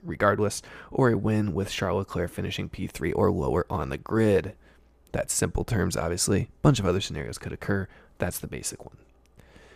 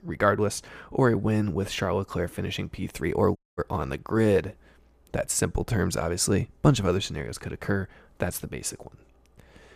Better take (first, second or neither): first